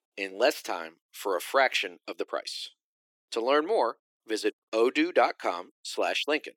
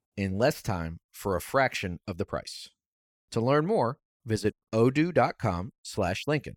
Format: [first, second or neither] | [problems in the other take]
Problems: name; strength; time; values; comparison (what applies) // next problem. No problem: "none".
second | thin; somewhat; fading below 300 Hz